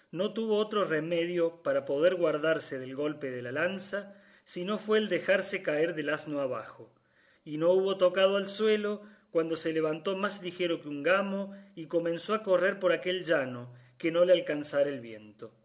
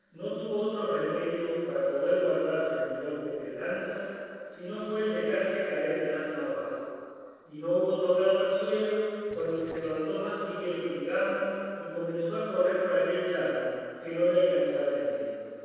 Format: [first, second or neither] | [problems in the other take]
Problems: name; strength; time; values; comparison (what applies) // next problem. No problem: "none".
first | noise reduction (neural separator model SepFormer DNS4)